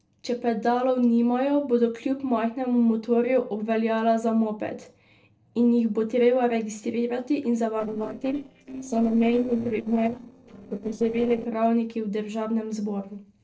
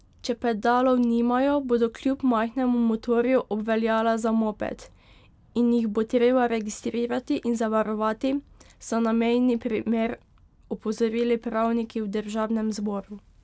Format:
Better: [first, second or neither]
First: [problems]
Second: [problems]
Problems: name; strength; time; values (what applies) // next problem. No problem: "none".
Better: second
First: noise reduction (neural separator model SepFormer DNS4)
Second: none